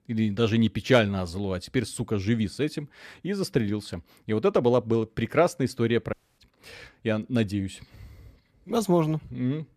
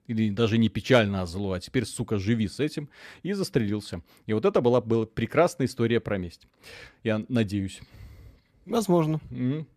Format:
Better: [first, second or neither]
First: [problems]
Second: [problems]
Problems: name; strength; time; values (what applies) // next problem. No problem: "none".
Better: second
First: audio cutting out; at 6 s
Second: none